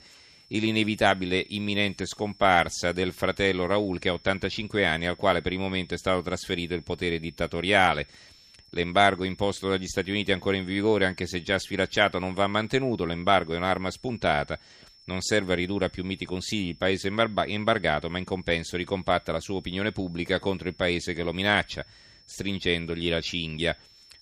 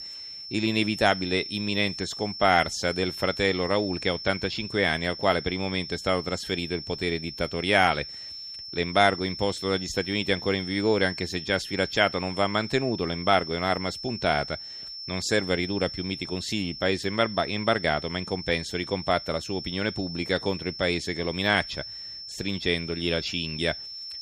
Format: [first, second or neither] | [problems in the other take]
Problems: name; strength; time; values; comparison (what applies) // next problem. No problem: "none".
first | high-pitched whine; loud; throughout; 5.5 kHz, 9 dB below the speech; faint in the first